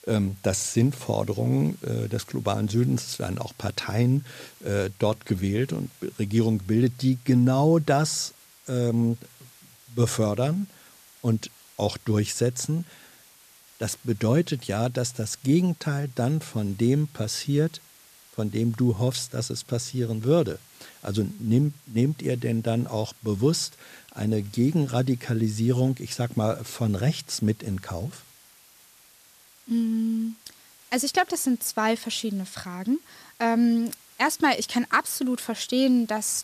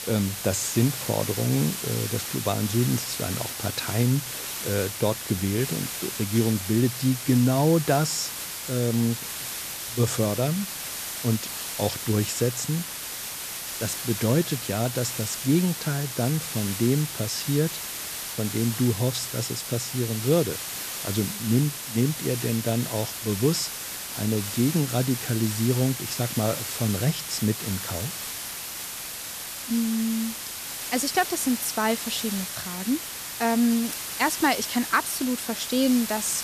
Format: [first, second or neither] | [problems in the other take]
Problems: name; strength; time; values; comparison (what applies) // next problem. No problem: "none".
first | hiss; loud; throughout; 5 dB below the speech; faint in the first